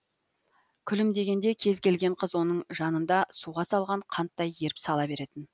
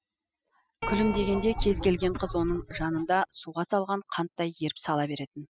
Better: first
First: none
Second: noise reduction (classical method spectral subtraction)

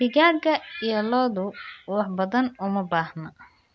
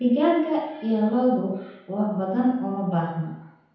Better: first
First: none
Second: room echo; dies away in 0.9 s

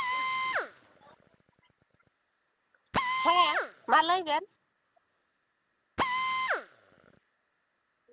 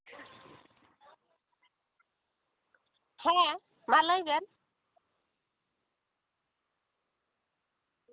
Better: second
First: background sound (Drill); 1 dB below the speech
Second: none

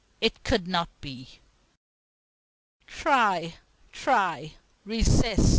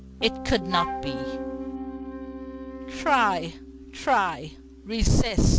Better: first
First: none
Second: background sound (Wind instrument, woodwind instrument + Piano); 9 dB below the speech

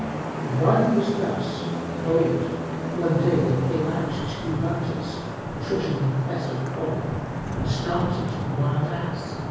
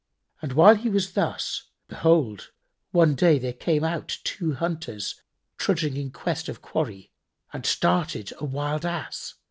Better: second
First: background sound (Traffic noise, roadway noise / Vehicle horn, car horn, honking); 4 dB below the speech // room echo; dies away in 1.3 s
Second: none

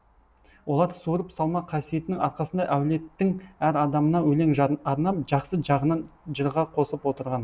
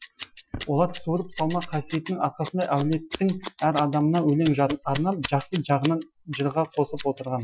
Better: first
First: none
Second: noise reduction (classical method Wiener filter)

